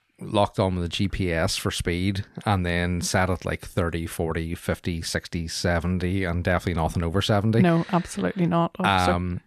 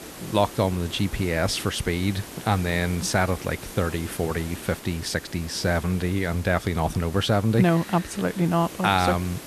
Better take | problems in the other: first | hiss; noticeable; throughout; 15 dB below the speech

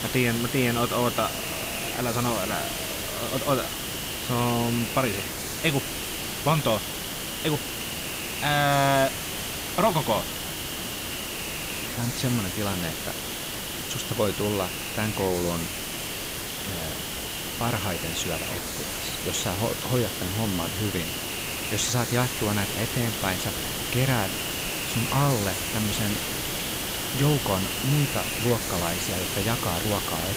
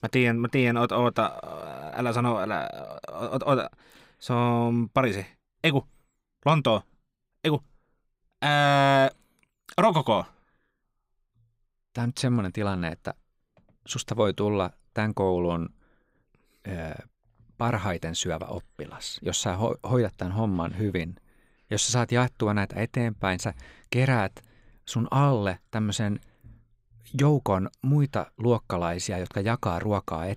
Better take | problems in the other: second | hiss; loud; throughout; 1 dB below the speech

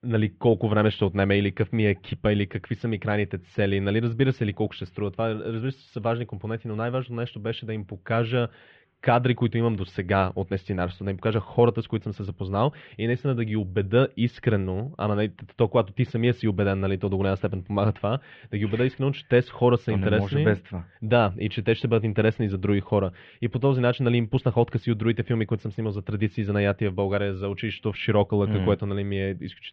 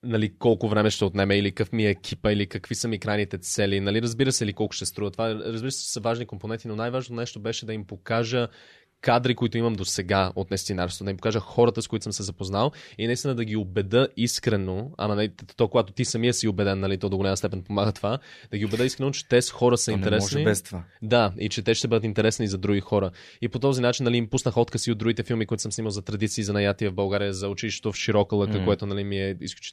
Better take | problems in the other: second | muffled; very; fading above 3 kHz

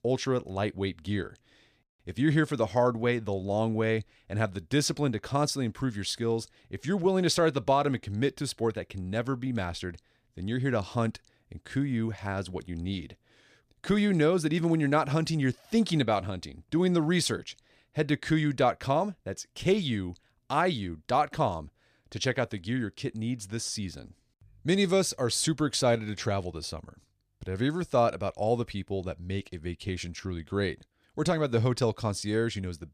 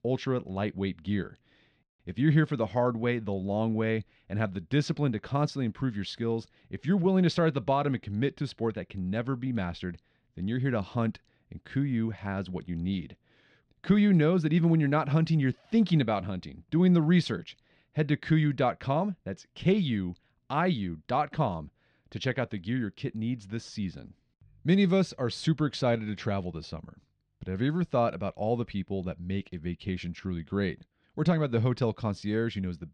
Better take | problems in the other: first | muffled; very slightly; fading above 3 kHz

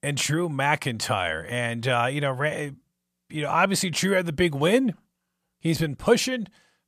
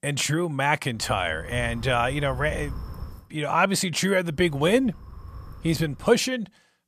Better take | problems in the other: first | wind noise on the microphone; occasional gusts; from 1 to 3 s and from 4.5 to 6 s; 25 dB below the speech

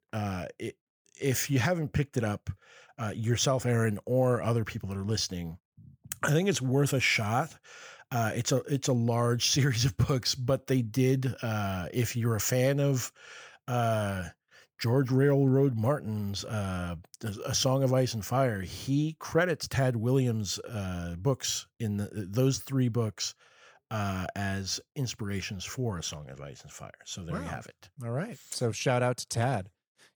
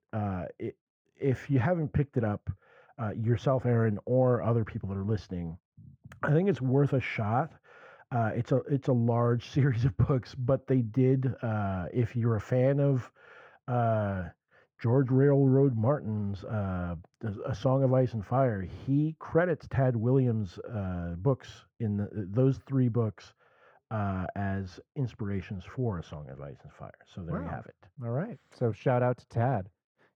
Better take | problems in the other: first | muffled; very; fading above 3.5 kHz

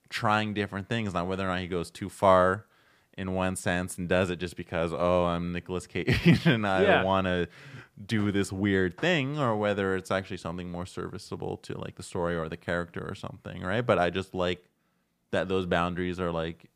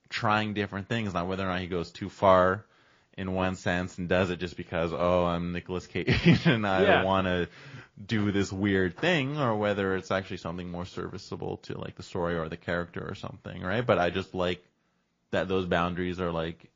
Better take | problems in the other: first | garbled, watery; slightly

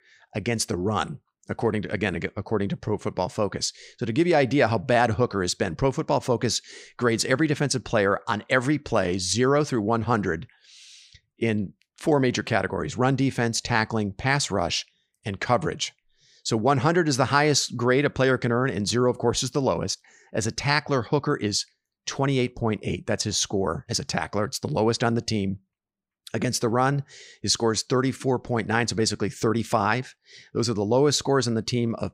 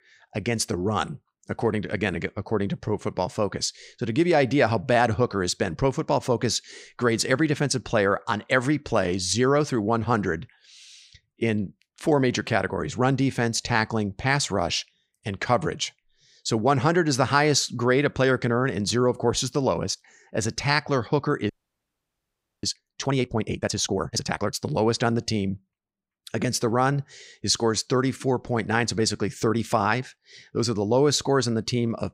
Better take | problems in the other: first | audio freezing; at 22 s for 1 s

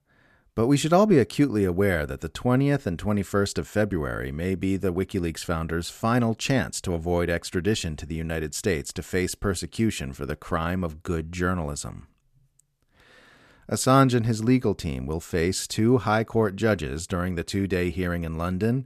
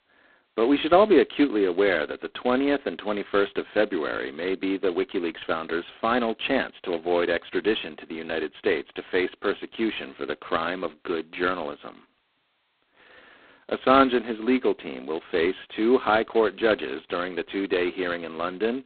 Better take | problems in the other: first | phone-call audio; poor line; nothing above 4 kHz

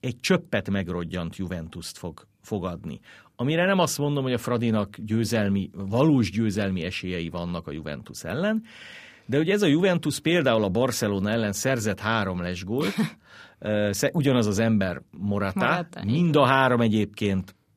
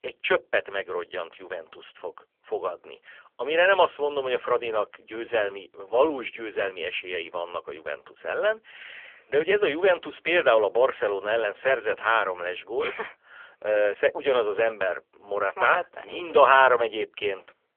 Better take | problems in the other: first | phone-call audio; poor line; nothing above 3.5 kHz

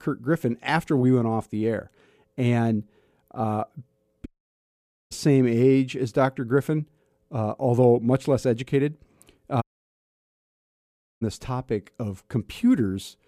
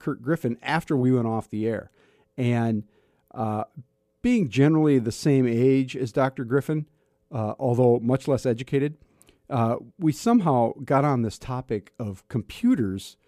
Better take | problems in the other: second | audio cutting out; at 4.5 s for 1 s and at 9.5 s for 1.5 s

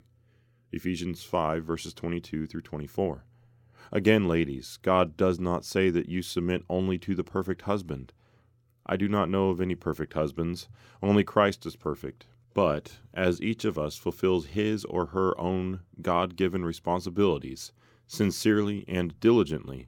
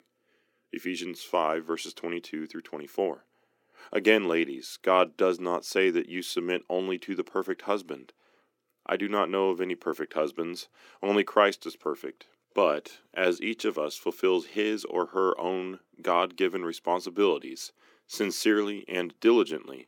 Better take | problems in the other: first | thin; somewhat; fading below 300 Hz

